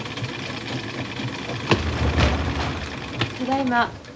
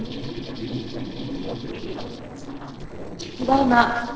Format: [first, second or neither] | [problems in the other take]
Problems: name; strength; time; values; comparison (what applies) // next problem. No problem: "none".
first | noise reduction (neural separator model SepFormer DNS4)